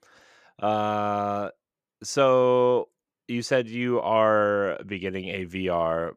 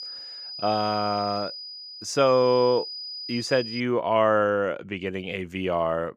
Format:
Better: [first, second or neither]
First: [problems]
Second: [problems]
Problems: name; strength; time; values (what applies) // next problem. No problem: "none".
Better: first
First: none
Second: high-pitched whine; loud; until 4 s; 5 kHz, 10 dB below the speech